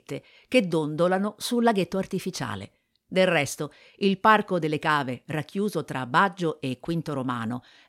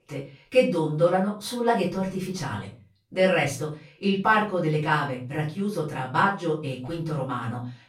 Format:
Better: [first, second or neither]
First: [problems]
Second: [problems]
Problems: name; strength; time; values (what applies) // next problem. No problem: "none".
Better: first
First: none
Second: off-mic speech; far // room echo; slight; dies away in 0.3 s